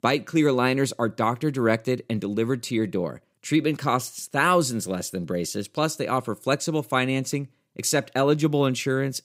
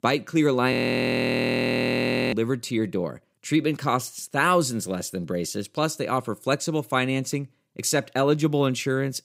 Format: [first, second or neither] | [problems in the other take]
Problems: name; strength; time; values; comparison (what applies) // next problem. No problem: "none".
first | audio freezing; at 0.5 s for 1.5 s